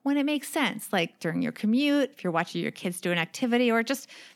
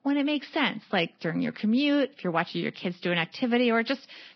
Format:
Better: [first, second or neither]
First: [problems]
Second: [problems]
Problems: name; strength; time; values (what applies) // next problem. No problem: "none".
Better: first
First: none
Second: garbled, watery; badly; nothing above 5.5 kHz